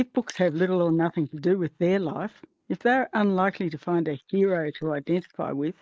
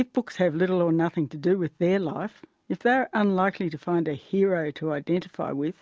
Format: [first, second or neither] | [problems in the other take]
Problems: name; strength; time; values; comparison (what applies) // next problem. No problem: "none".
second | noise reduction (neural mask model Resemble Enhance denoiser)